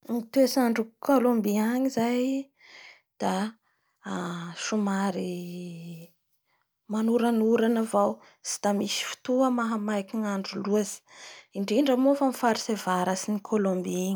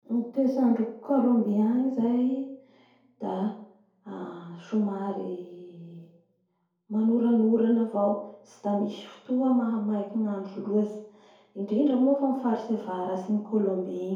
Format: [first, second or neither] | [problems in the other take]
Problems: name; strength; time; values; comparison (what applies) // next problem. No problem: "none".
first | room echo; dies away in 2.3 s